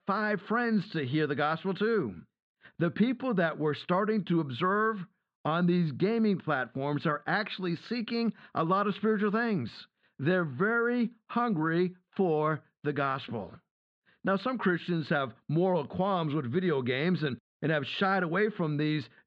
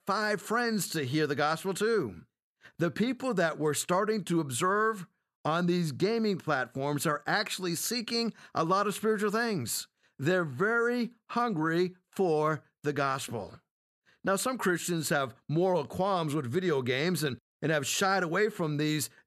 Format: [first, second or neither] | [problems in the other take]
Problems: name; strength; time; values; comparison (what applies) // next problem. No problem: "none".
second | muffled; slightly; fading above 3.5 kHz